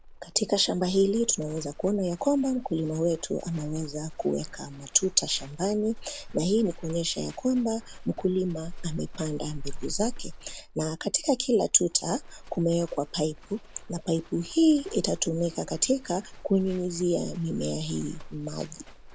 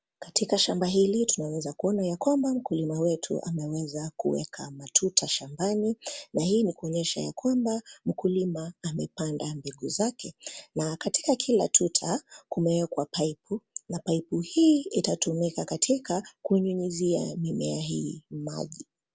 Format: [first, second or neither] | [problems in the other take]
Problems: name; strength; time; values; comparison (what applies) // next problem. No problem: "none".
second | background sound (Livestock, farm animals, working animals); 13 dB below the speech